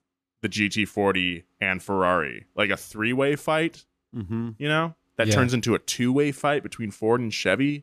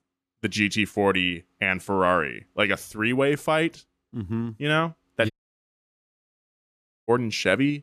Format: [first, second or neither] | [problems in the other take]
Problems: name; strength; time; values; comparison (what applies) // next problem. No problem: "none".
first | audio cutting out; at 5.5 s for 2 s